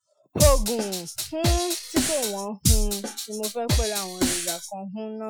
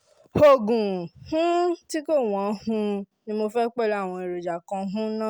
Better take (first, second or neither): second